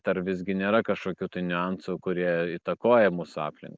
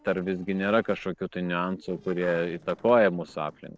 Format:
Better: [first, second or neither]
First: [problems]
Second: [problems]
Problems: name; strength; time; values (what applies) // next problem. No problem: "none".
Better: first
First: none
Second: noise reduction (neural separator model SepFormer DNS4)